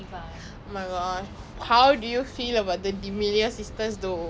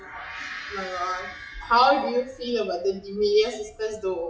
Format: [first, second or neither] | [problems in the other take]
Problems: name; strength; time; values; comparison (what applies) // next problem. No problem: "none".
first | noise reduction (classical method WPE with log-MMSE)